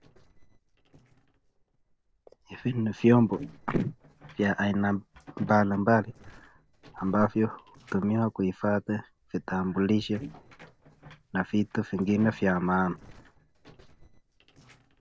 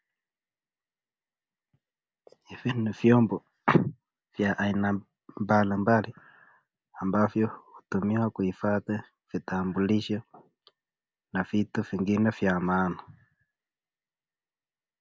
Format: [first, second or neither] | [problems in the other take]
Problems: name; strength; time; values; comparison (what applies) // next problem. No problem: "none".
second | noise reduction (neural separator model SepFormer DNS4)